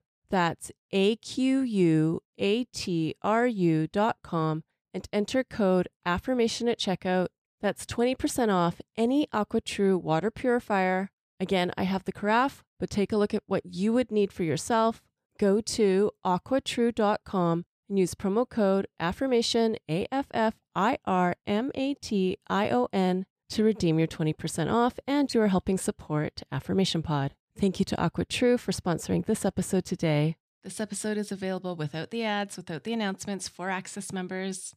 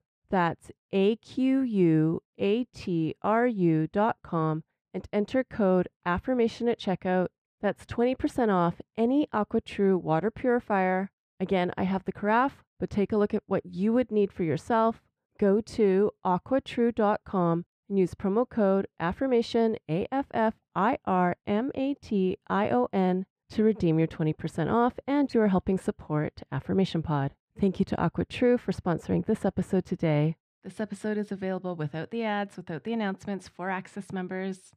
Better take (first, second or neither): first